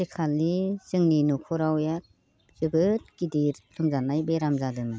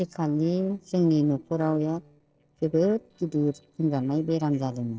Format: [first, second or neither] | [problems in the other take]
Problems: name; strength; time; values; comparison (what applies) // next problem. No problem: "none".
first | noise reduction (neural separator model SepFormer DNS4)